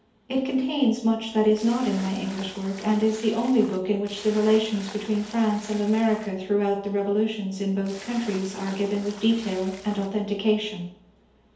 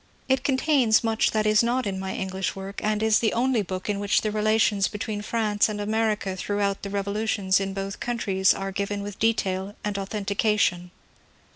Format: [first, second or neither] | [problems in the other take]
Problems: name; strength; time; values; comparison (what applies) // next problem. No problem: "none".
second | background sound (Splash, splatter); 18 dB below the speech // room echo; dies away in 2.2 s